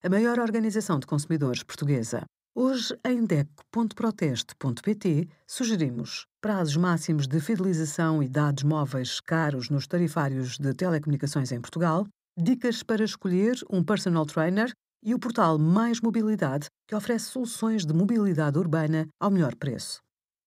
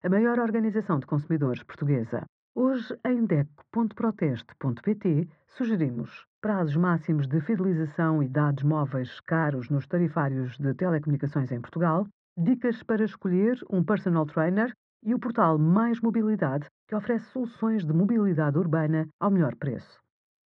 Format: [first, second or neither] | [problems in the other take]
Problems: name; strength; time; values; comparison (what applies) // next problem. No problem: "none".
first | muffled; very; fading above 2 kHz